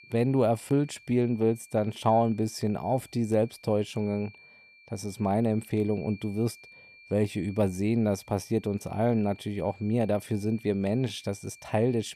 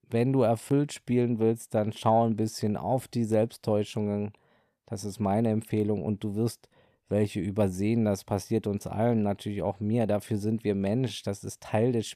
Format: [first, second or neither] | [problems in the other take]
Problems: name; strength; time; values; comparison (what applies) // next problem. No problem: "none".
second | high-pitched whine; faint; throughout; 2.5 kHz, 25 dB below the speech